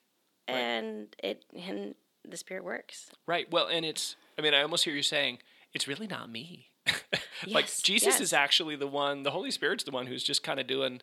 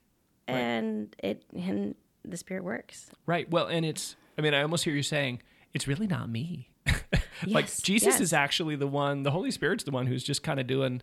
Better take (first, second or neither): second